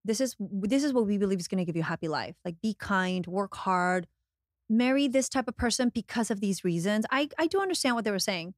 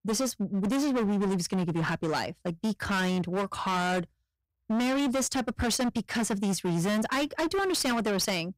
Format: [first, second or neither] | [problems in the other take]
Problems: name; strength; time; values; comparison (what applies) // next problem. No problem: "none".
first | distortion; heavy; 30% of the sound clipped